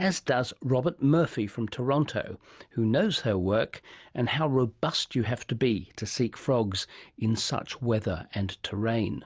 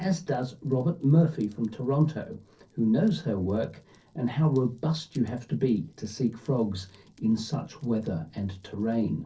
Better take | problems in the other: first | noise reduction (neural separator model SepFormer DNS4)

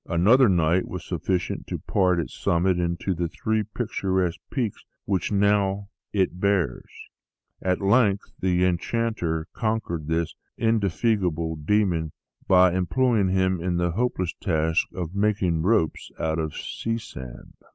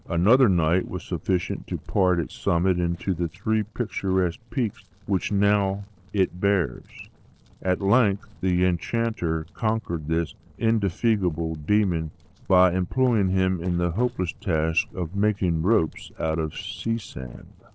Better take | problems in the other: first | noise reduction (neural separator model SepFormer DNS4)

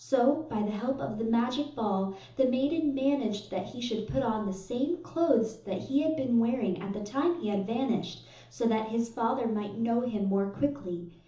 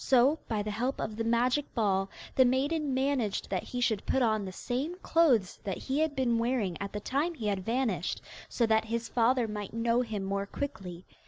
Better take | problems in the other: second | room echo; dies away in 0.7 s

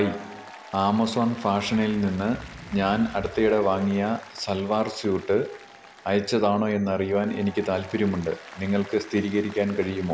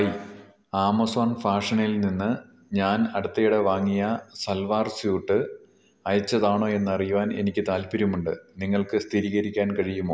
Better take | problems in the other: second | background sound (Applause + Animal); 19 dB below the speech

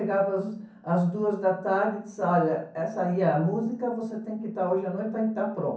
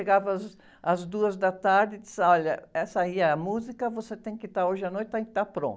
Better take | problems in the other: second | room echo; dies away in 0.6 s

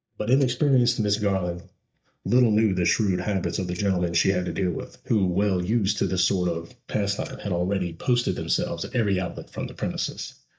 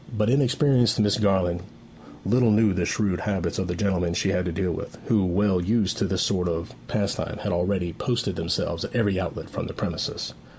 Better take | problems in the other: second | noise reduction (neural mask model DeepFilterNet 3)

